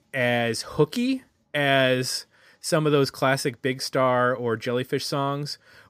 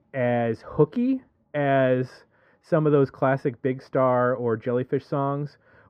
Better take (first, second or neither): first